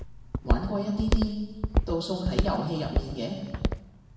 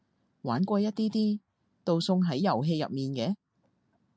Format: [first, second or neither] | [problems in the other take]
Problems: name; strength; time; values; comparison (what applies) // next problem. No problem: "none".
second | background sound (Walk, footsteps); 2 dB above the speech // room echo; dies away in 1.2 s